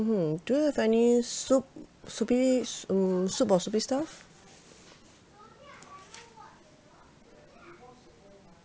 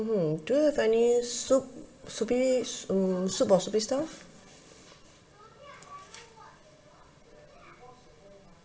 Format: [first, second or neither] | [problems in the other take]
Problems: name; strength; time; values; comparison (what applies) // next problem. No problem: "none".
first | room echo; dies away in 1.1 s